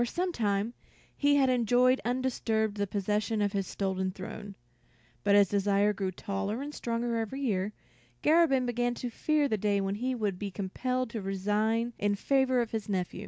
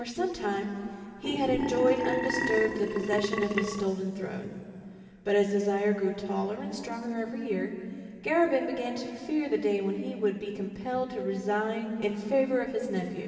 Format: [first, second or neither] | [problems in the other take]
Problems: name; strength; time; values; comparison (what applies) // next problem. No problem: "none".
first | background sound (Burping, eructation); 3 dB below the speech // room echo; dies away in 2.6 s